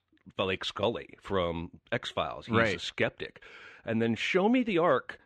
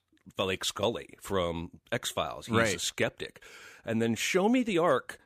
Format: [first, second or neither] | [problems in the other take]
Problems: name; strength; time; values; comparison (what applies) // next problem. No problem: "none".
second | muffled; slightly; fading above 3 kHz